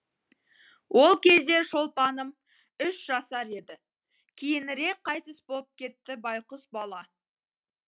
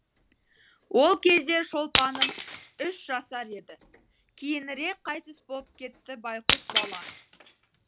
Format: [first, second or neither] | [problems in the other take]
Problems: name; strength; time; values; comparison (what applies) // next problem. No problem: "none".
first | background sound (Shatter); 4 dB below the speech